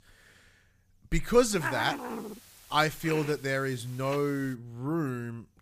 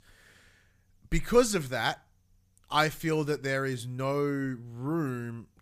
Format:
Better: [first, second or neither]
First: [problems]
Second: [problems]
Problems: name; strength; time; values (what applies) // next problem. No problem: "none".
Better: second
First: hiss; loud; from 1.5 to 4.5 s; 9 dB below the speech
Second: none